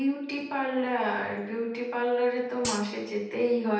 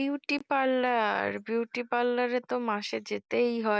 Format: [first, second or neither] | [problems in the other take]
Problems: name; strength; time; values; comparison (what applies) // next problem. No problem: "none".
second | background sound (Hi-hat); 7 dB below the speech // room echo; dies away in 0.8 s